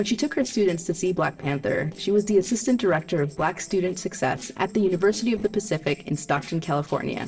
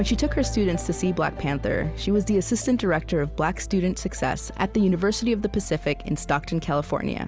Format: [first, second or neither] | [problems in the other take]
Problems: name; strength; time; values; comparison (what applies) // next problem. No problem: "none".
second | noise reduction (neural separator model SepFormer DNS4)